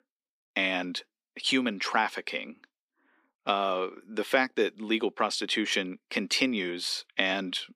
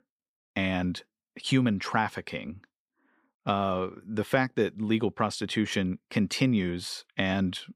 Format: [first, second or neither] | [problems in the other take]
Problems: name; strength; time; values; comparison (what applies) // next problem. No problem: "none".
second | thin; very slightly; fading below 250 Hz